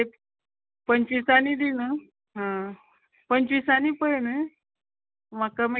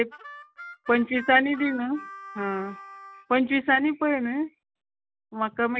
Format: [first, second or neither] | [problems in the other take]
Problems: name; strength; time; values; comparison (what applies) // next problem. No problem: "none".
first | background sound (Harmonica); 17 dB below the speech